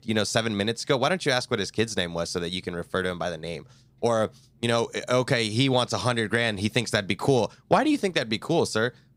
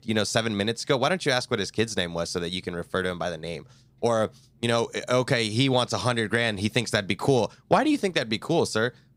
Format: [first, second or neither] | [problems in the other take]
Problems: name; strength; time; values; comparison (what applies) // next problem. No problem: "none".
neither | none